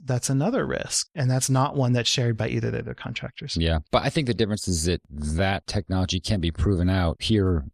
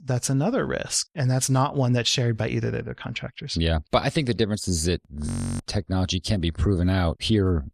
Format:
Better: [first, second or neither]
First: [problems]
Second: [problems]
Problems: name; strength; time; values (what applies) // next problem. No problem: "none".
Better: first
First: none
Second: audio freezing; at 5.5 s